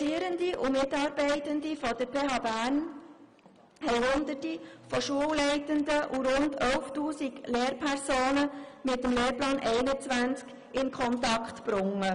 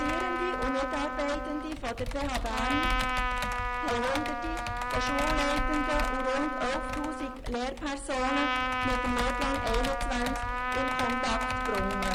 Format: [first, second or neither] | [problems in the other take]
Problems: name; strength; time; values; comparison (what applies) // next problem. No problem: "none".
first | background sound (Computer keyboard + Trumpet); 2 dB above the speech